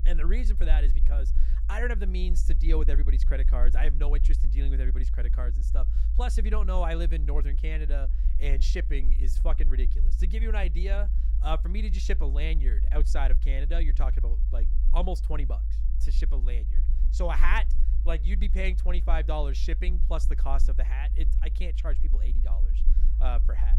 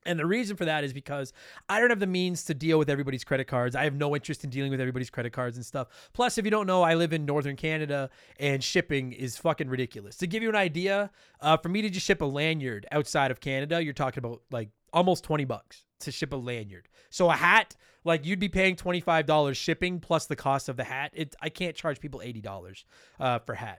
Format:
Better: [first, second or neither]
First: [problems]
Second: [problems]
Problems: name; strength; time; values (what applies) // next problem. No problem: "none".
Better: second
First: low rumble; noticeable; throughout; 15 dB below the speech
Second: none